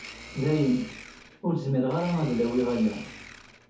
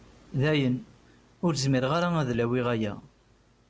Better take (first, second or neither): second